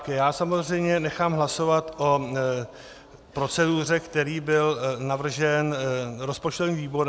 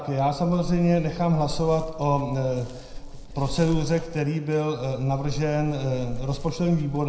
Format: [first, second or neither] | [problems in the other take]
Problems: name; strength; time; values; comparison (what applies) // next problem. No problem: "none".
first | background sound (Dog); 11 dB below the speech // room echo; dies away in 0.7 s